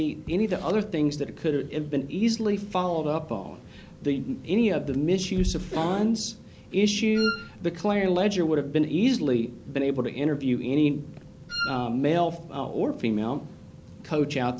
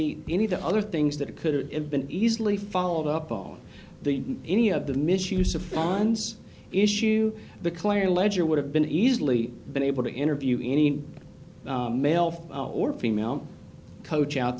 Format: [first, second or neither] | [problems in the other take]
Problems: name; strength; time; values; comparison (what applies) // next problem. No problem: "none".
second | background sound (Wind instrument, woodwind instrument); 7 dB below the speech